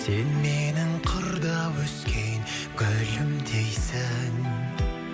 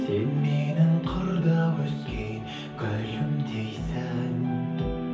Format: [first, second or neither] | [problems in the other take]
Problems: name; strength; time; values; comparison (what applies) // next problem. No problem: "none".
first | room echo; dies away in 0.5 s